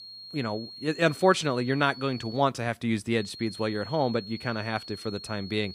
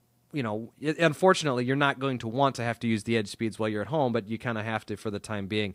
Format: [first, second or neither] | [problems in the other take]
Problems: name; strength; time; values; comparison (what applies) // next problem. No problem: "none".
second | high-pitched whine; noticeable; until 2.5 s and from 3 s on; 4.5 kHz, 15 dB below the speech